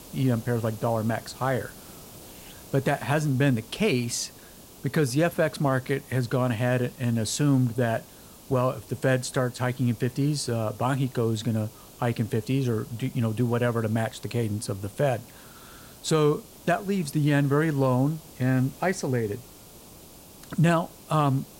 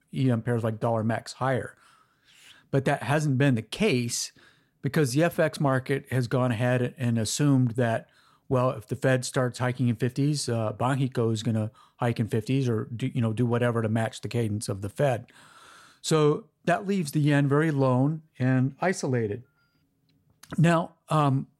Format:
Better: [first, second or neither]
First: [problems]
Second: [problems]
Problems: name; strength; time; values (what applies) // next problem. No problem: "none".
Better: second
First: hiss; noticeable; throughout; 20 dB below the speech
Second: none